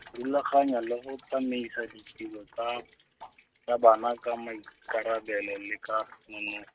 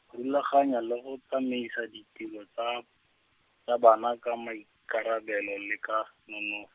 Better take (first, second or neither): second